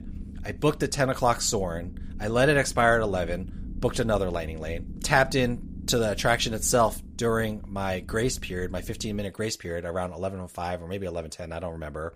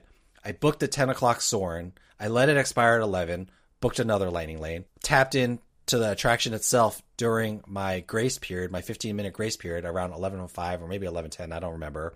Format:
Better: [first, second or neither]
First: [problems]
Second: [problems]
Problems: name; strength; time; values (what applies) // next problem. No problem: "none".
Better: second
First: low rumble; faint; until 9 s; 25 dB below the speech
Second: none